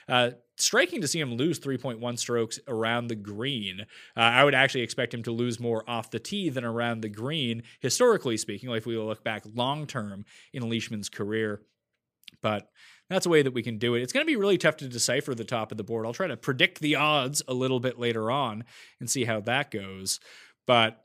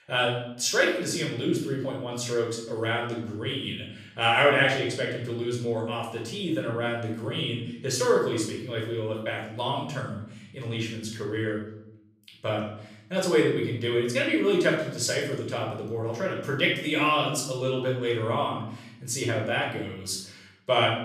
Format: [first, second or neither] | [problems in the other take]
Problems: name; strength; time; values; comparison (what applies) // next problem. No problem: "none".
first | off-mic speech; far // room echo; noticeable; dies away in 0.7 s